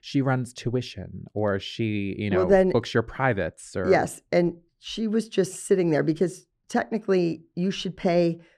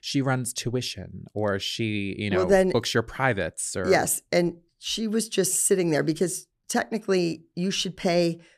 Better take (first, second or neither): second